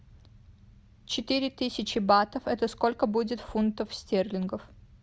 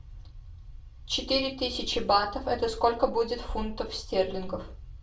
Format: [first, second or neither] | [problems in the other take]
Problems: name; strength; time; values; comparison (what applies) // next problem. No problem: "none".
first | room echo; dies away in 0.3 s